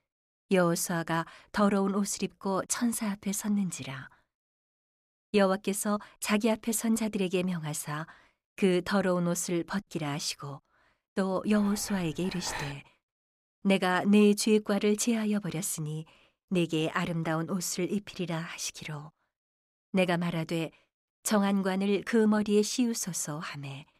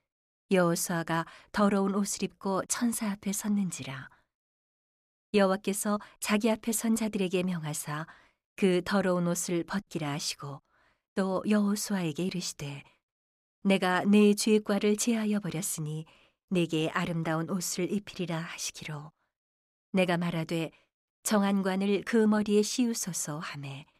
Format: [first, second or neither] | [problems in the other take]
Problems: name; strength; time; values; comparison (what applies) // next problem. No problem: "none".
second | clattering dishes; noticeable; from 12 to 13 s; peak 9 dB below the speech